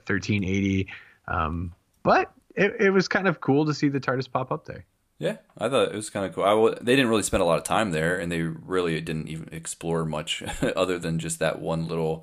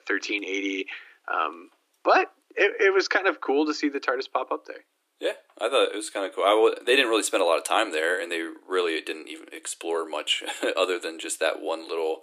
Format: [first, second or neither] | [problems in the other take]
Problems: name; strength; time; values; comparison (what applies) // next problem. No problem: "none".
first | thin; somewhat; fading below 300 Hz